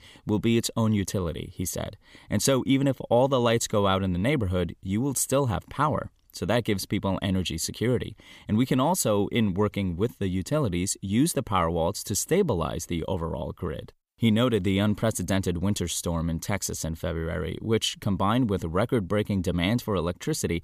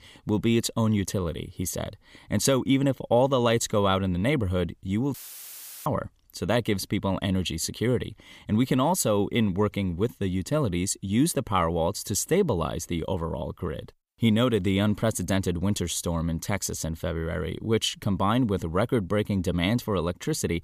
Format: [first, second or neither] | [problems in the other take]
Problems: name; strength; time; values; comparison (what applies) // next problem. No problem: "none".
first | audio cutting out; filled with static; at 5 s for 0.5 s